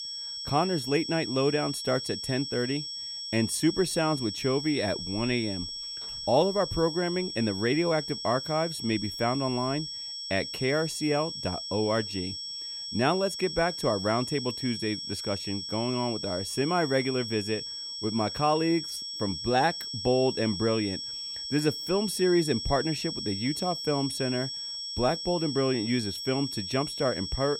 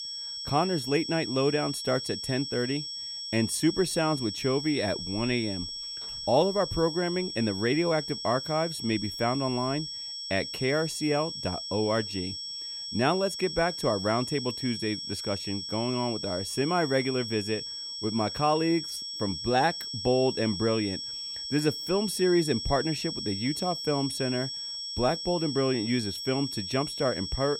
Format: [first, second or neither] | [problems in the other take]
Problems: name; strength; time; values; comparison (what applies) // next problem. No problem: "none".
neither | high-pitched whine; loud; throughout; 5.5 kHz, 5 dB below the speech; the same in both